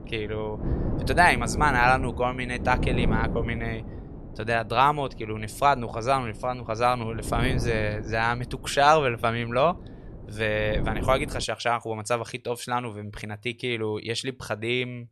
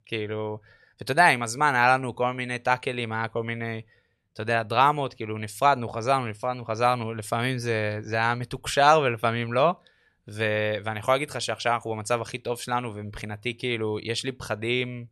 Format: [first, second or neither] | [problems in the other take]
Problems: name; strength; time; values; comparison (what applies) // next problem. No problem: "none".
second | wind noise on the microphone; occasional gusts; until 11 s; 15 dB below the speech